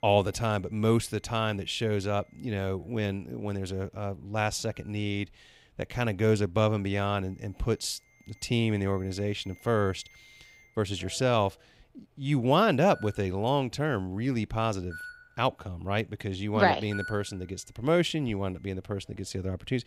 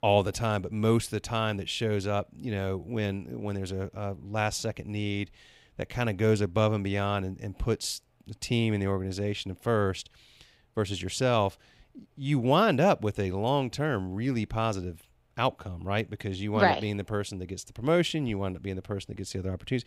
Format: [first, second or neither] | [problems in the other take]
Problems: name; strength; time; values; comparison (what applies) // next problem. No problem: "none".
second | alarms or sirens; noticeable; throughout; 20 dB below the speech